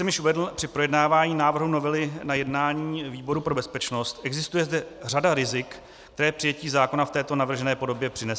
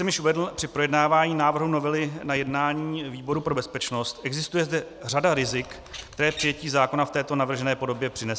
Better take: first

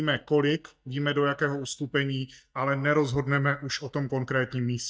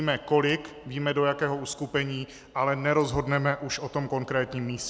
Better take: second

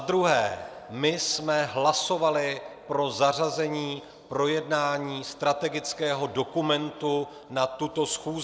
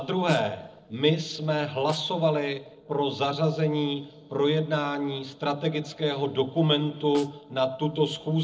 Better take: first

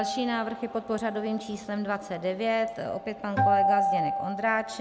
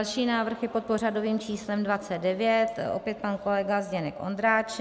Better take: second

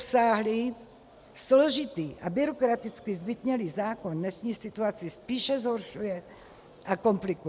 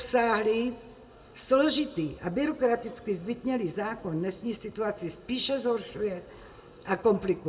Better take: first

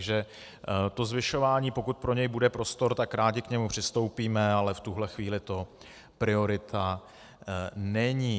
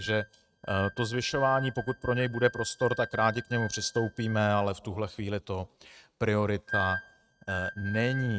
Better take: first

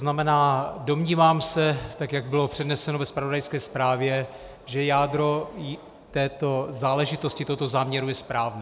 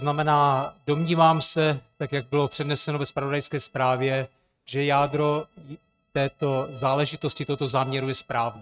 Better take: first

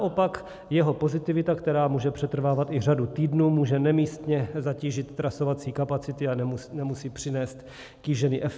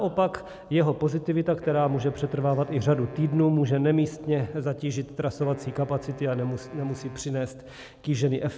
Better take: first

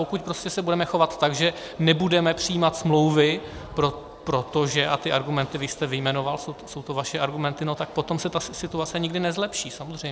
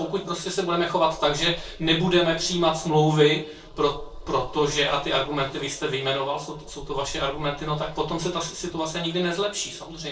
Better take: first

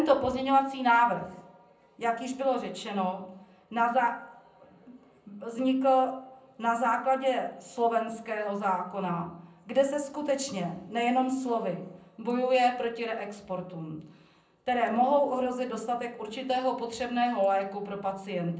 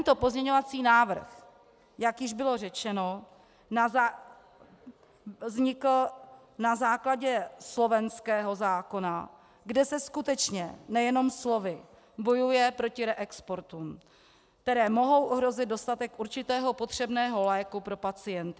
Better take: second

